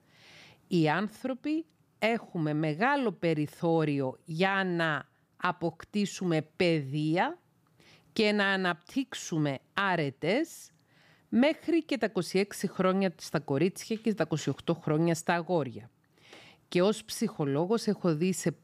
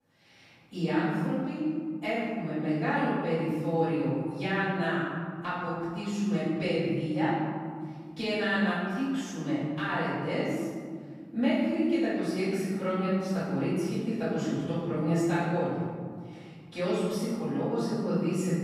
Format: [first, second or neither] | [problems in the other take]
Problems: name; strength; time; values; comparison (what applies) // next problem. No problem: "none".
first | off-mic speech; far // room echo; strong; dies away in 2.1 s